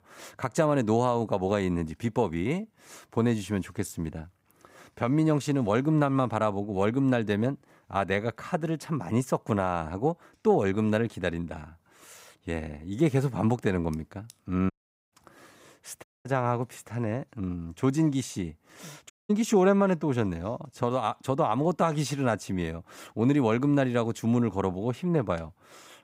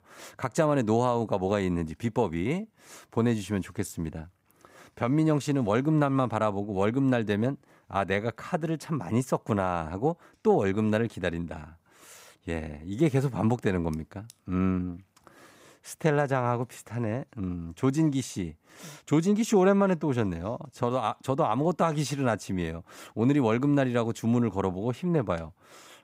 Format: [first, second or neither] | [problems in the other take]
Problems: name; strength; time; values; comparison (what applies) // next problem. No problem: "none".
second | audio cutting out; at 15 s, at 16 s and at 19 s